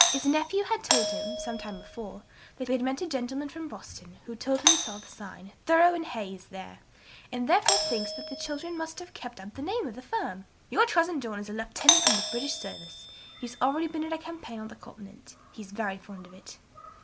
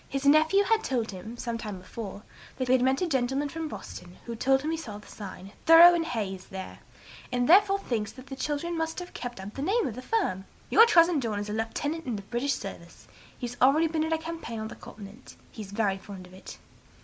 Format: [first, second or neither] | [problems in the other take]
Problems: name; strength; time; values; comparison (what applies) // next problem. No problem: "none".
second | background sound (Doorbell); 1 dB below the speech